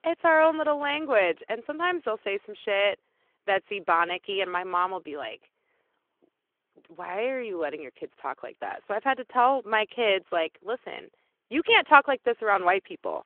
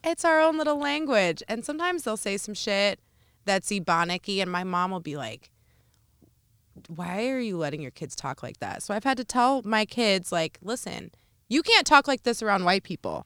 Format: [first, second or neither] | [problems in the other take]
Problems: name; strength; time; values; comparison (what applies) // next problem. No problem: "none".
second | phone-call audio; nothing above 3.5 kHz